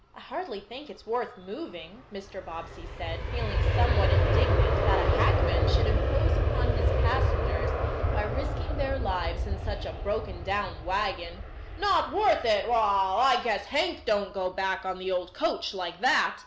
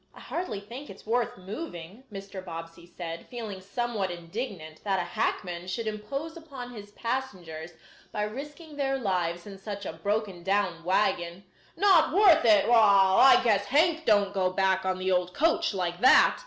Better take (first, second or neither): second